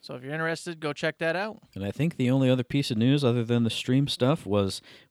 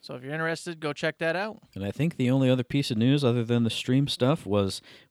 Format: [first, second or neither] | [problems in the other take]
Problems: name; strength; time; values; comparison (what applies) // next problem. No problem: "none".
neither | none